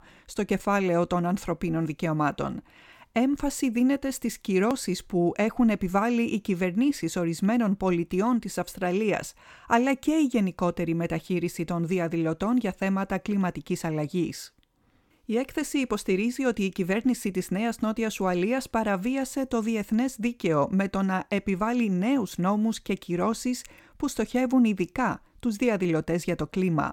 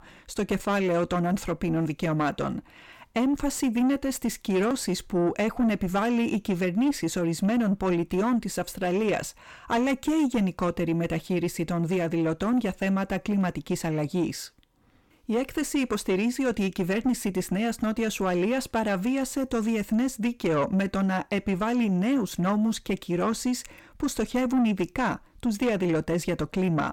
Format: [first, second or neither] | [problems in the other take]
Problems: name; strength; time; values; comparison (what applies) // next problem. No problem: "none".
first | distortion; slight; 10 dB below the speech